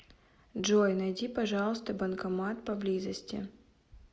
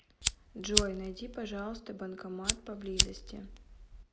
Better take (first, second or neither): first